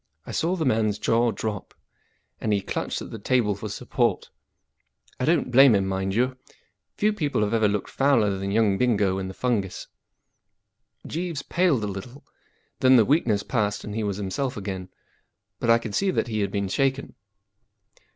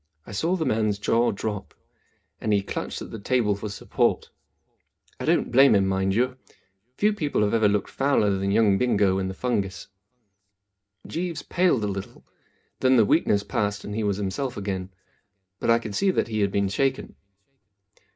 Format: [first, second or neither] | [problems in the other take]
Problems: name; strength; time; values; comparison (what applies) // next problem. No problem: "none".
first | room echo; dies away in 0.3 s